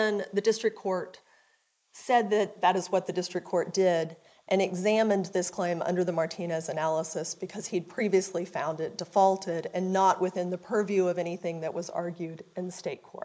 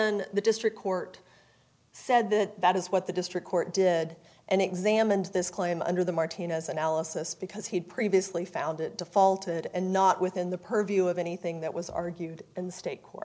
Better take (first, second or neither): second